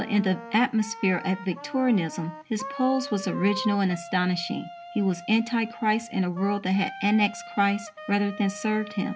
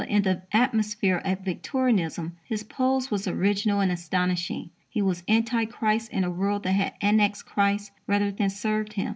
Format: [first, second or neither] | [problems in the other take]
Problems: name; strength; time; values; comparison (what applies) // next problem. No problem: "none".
second | background sound (Wind instrument, woodwind instrument); 14 dB below the speech